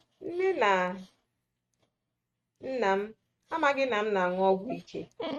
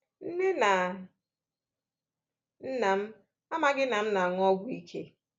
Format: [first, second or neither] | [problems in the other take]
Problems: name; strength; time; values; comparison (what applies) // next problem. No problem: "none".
second | noise reduction (neural mask model RNNoise)